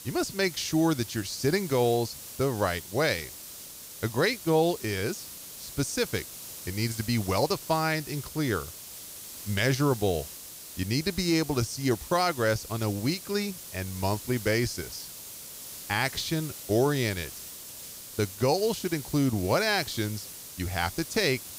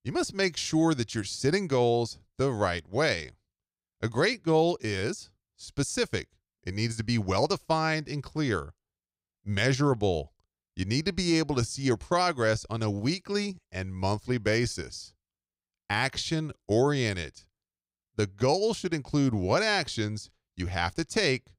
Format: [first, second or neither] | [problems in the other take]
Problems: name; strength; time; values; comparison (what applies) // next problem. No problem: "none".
second | hiss; noticeable; throughout; 10 dB below the speech